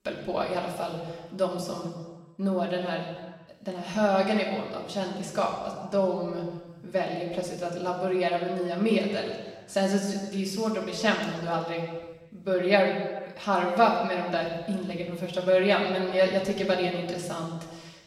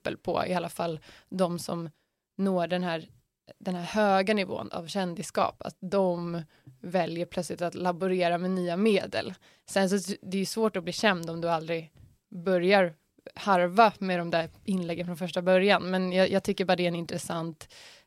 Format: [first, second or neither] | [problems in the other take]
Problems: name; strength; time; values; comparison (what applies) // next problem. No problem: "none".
second | room echo; noticeable; dies away in 1.2 s // off-mic speech; far